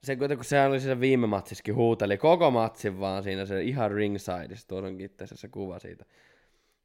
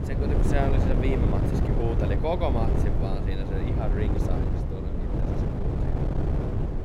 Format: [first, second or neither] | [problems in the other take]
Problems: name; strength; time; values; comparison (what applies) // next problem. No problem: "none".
first | wind noise on the microphone; heavy; 1 dB below the speech